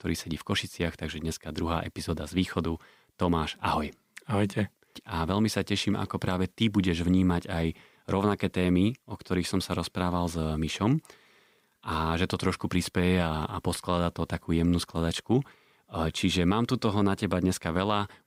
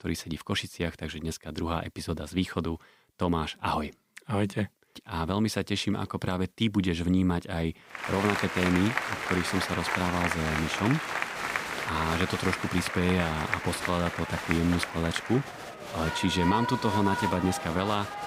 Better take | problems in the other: first | crowd noise; loud; from 8 s on; 2 dB below the speech

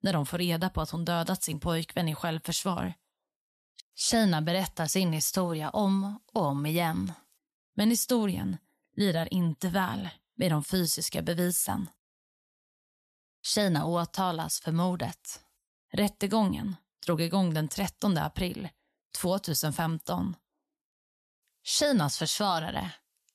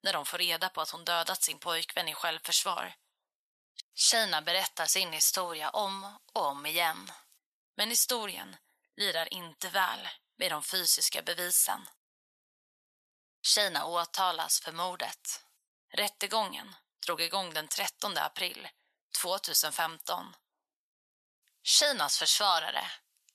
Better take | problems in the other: first | thin; very; fading below 850 Hz

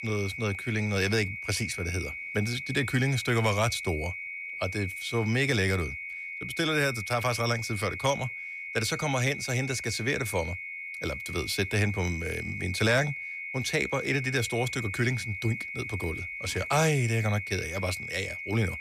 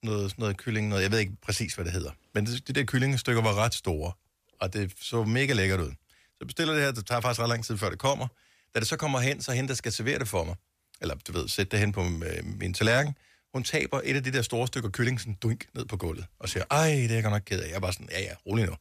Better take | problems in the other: second | high-pitched whine; loud; throughout; 2 kHz, 6 dB below the speech

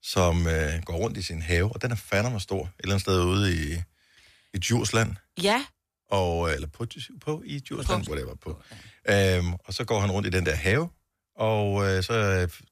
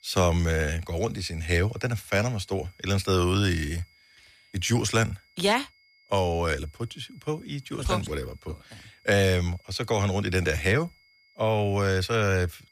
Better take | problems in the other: first | high-pitched whine; faint; throughout; 2 kHz, 30 dB below the speech

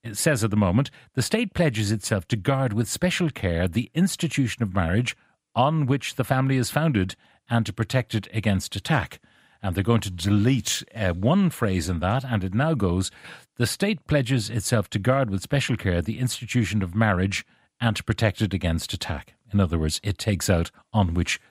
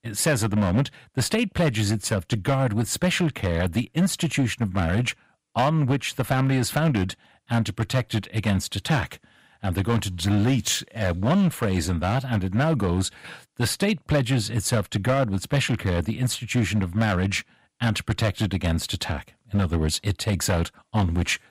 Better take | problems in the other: first | distortion; slight; 7% of the sound clipped

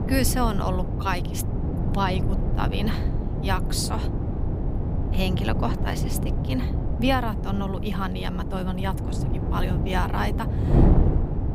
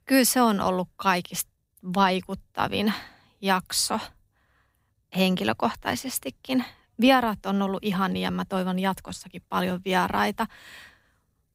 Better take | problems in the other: second | wind noise on the microphone; heavy; 6 dB below the speech

